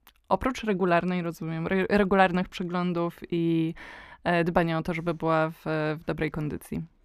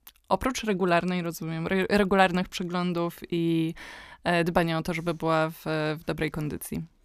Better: second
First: muffled; very slightly; fading above 3.5 kHz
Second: none

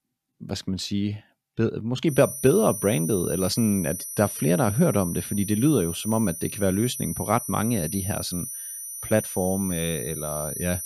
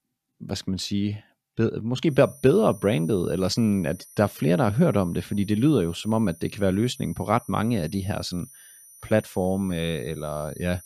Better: second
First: high-pitched whine; loud; from 2 s on; 9.5 kHz, 7 dB below the speech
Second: high-pitched whine; faint; from 2 s on; 9.5 kHz, 20 dB below the speech

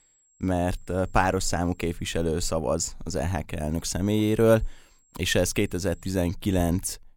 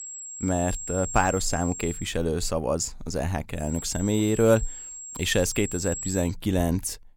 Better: first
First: high-pitched whine; faint; until 2 s and from 3.5 to 6 s; 7.5 kHz, 35 dB below the speech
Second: high-pitched whine; loud; until 2 s and from 3.5 to 6 s; 7.5 kHz, 9 dB below the speech

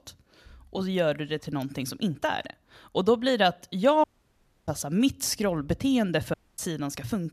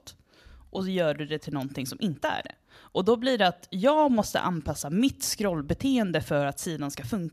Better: second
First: audio cutting out; at 4 s for 0.5 s and at 6.5 s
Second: none

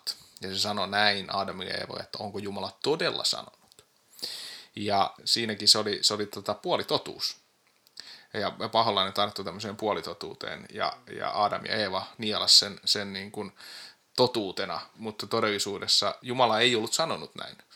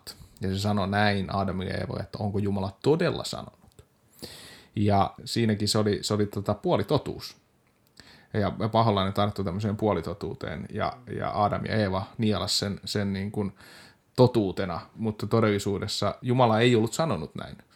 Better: second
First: thin; somewhat; fading below 750 Hz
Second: none

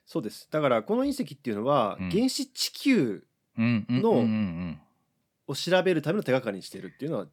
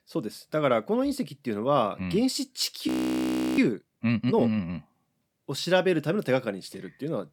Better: first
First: none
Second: audio freezing; at 3 s for 0.5 s

